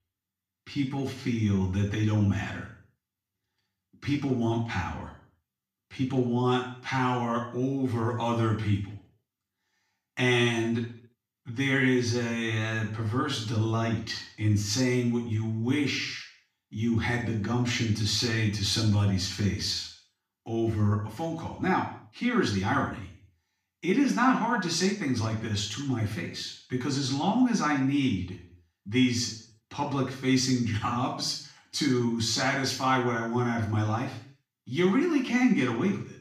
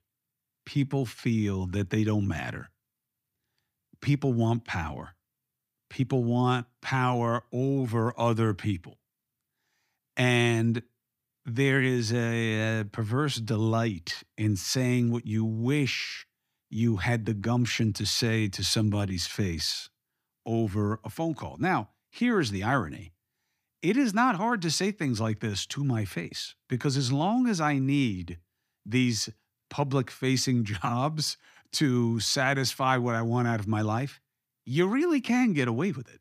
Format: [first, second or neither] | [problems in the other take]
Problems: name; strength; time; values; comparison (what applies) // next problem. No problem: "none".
second | room echo; noticeable; dies away in 0.5 s // off-mic speech; far